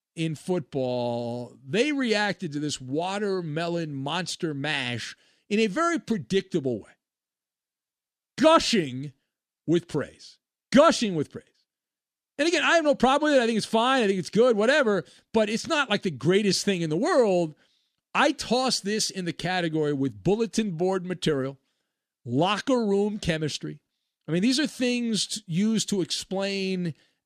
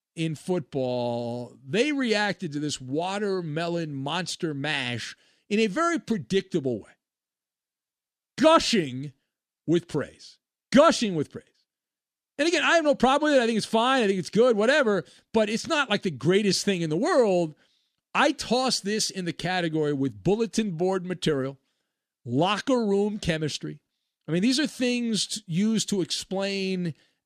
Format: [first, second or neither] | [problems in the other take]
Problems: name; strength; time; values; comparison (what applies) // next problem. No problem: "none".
neither | none